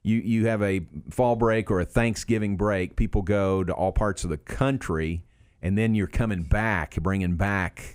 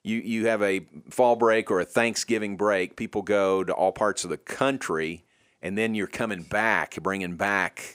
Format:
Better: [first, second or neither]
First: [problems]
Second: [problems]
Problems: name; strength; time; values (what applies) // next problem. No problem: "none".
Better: first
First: none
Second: thin; somewhat; fading below 350 Hz